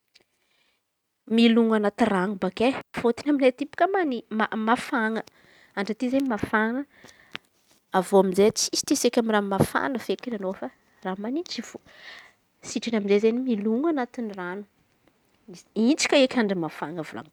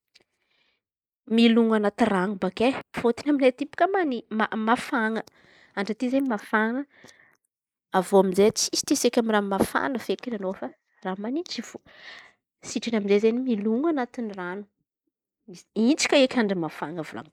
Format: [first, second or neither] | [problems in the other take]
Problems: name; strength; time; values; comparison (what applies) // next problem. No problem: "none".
first | noise reduction (neural mask model Resemble Enhance denoiser)